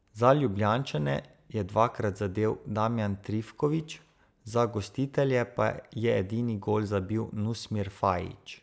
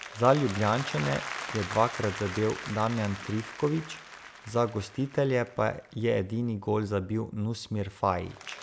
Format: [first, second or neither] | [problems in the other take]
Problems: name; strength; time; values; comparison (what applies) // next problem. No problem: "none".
first | background sound (Applause); 12 dB below the speech